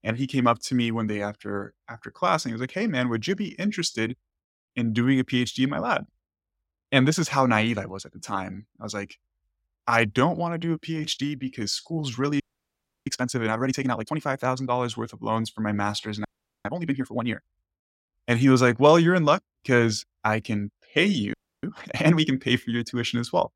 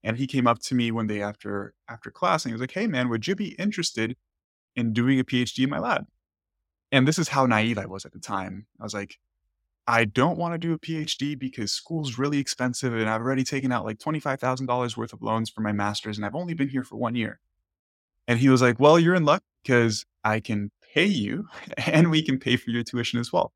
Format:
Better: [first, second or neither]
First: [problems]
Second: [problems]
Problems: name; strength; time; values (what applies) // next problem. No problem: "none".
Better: second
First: audio freezing; at 12 s for 0.5 s, at 16 s and at 21 s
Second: none